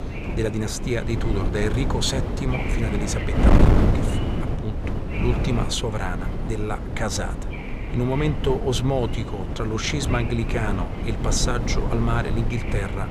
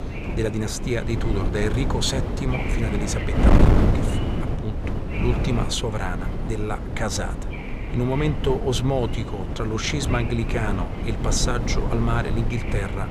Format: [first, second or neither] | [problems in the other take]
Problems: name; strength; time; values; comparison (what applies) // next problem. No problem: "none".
neither | wind noise on the microphone; heavy; 3 dB below the speech; the same in both